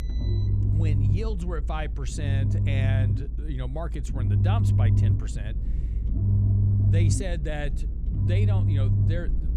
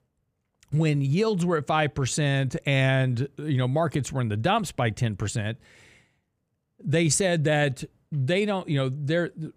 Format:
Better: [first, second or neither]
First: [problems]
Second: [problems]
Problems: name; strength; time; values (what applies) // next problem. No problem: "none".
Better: second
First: low rumble; loud; throughout; 1 dB below the speech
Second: none